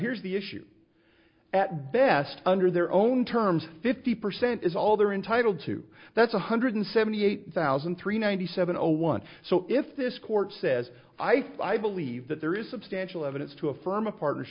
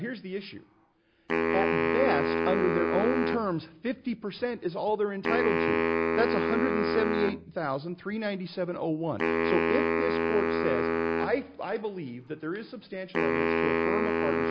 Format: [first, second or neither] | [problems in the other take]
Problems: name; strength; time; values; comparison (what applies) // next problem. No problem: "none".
first | background sound (Wind instrument, woodwind instrument); 3 dB above the speech